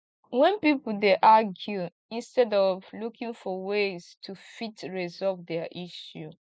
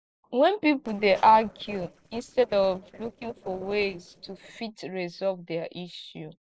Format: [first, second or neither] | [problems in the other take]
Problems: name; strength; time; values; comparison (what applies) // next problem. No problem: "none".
first | noise reduction (neural separator model SepFormer DNS4)